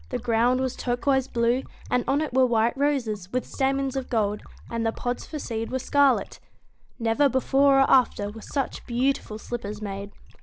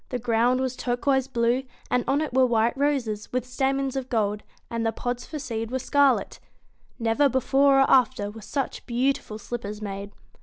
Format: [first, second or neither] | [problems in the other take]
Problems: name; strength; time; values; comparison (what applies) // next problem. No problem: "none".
second | background sound (Liquid); 19 dB below the speech